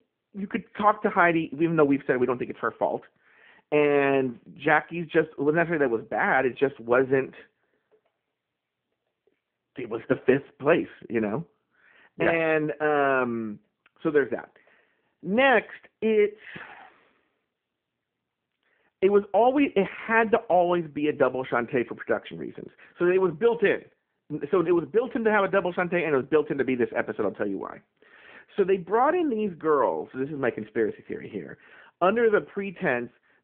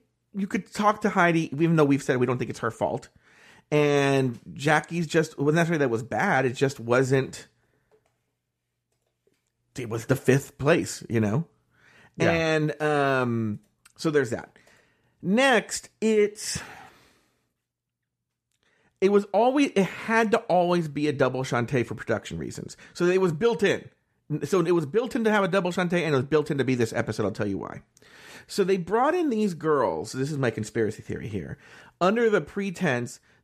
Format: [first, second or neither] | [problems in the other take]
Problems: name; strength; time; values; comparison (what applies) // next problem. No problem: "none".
second | phone-call audio